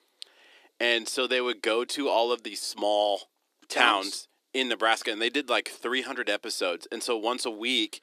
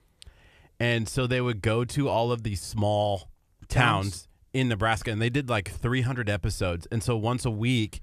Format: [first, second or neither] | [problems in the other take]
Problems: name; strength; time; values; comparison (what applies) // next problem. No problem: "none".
second | thin; somewhat; fading below 300 Hz